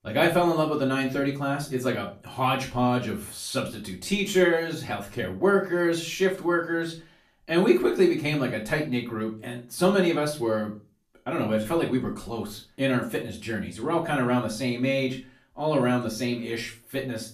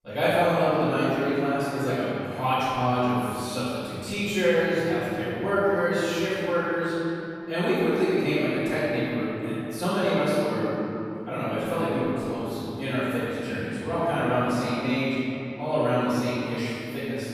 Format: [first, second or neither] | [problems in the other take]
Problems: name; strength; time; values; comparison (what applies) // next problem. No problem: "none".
first | room echo; strong; dies away in 3 s; slight in the first // off-mic speech; far; far in the first